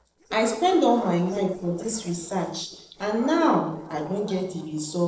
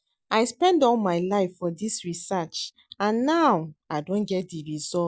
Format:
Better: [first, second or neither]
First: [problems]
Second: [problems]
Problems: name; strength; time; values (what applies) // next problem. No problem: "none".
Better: second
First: noise reduction (neural separator model SepFormer DNS4)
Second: none